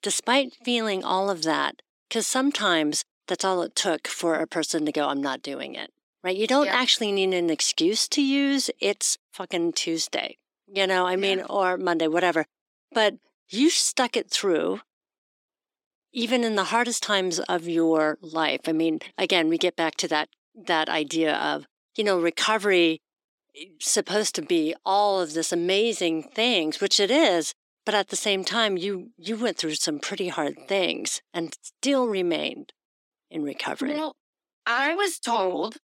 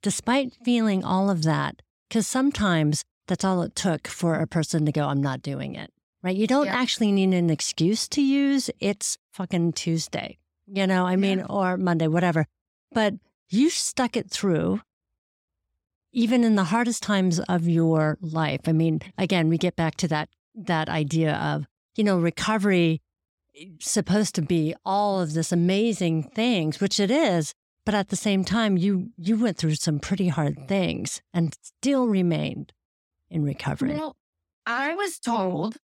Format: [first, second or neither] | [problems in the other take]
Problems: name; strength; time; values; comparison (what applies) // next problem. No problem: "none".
second | thin; somewhat; fading below 300 Hz